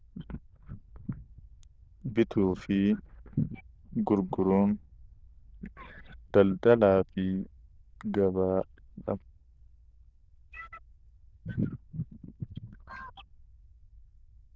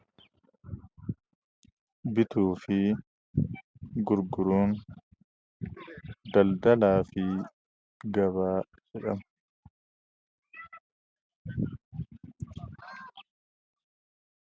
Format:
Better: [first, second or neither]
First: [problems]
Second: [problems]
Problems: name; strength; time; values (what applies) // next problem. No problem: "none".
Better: second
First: noise reduction (neural diffusion model UNIVERSE++)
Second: none